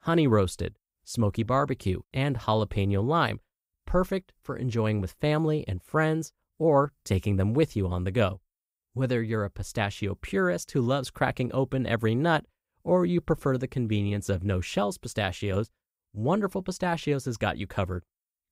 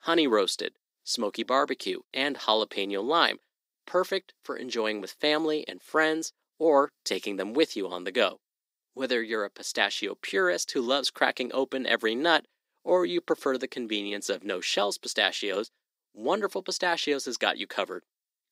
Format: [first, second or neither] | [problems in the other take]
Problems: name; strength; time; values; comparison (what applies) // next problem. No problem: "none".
first | thin; somewhat; fading below 250 Hz